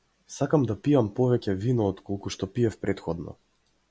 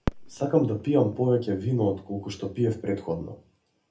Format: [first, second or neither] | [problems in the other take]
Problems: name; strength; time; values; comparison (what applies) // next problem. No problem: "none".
first | background sound (Fireworks); 12 dB below the speech // room echo; dies away in 0.3 s